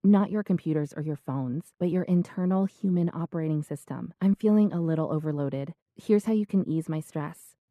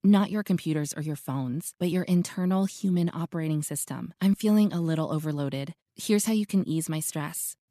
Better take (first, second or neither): second